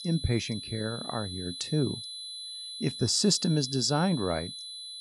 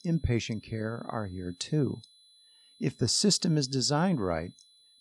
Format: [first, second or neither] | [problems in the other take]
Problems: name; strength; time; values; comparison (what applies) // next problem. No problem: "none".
second | high-pitched whine; loud; throughout; 4 kHz, 9 dB below the speech; faint in the second